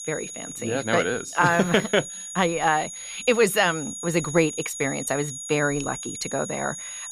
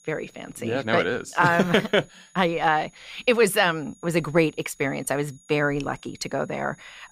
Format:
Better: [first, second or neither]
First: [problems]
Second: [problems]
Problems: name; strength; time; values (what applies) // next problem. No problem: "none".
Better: second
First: high-pitched whine; loud; throughout; 6.5 kHz, 9 dB below the speech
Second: high-pitched whine; faint; throughout; 6.5 kHz, 30 dB below the speech